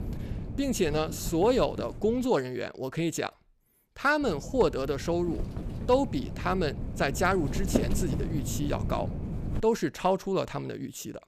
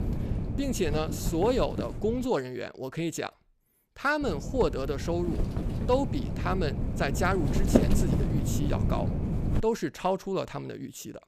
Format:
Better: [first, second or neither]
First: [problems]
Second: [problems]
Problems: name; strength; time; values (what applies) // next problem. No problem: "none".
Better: first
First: wind noise on the microphone; occasional gusts; until 2.5 s and from 4 to 9.5 s; 15 dB below the speech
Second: wind noise on the microphone; heavy; until 2.5 s and from 4 to 9.5 s; 6 dB below the speech